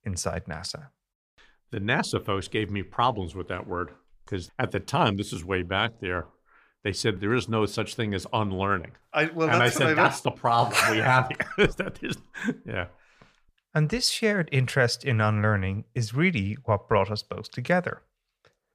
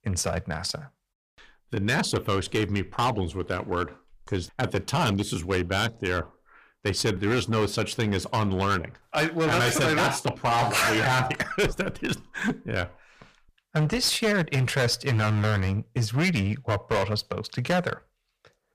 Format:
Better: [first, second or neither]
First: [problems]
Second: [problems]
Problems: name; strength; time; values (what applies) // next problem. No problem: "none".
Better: first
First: none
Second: distortion; heavy; 14% of the sound clipped